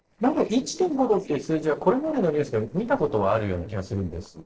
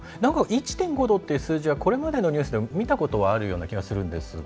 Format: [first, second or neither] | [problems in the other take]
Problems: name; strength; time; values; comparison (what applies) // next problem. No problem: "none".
second | noise reduction (neural separator model SepFormer DNS4)